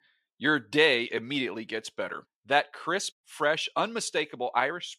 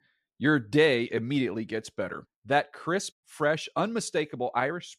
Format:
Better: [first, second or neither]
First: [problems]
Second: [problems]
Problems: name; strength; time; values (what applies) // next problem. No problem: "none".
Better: second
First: thin; very slightly; fading below 950 Hz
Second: none